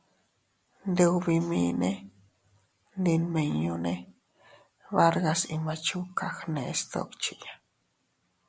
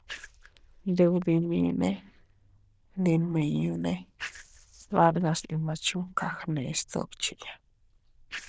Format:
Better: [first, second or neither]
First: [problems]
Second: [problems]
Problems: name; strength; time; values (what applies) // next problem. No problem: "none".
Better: first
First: none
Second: noise reduction (neural diffusion model UNIVERSE++)